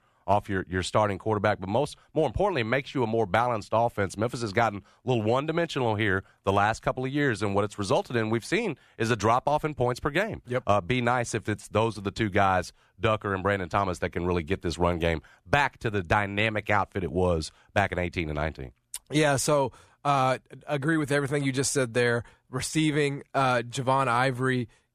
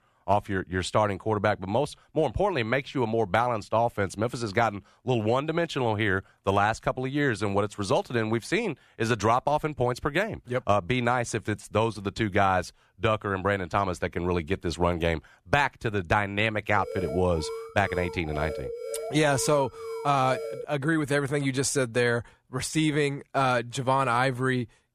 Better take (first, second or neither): first